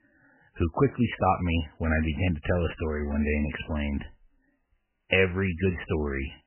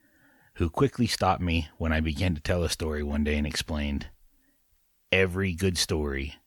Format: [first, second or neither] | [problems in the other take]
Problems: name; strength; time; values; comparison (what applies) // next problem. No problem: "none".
second | garbled, watery; badly; nothing above 3 kHz